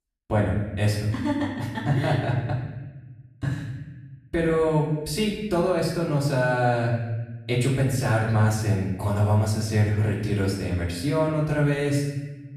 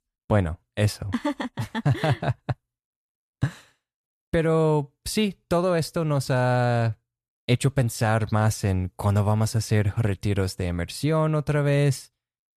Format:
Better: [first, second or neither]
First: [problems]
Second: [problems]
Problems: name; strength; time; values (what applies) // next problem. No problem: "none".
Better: second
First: off-mic speech; far // room echo; noticeable; dies away in 1.1 s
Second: none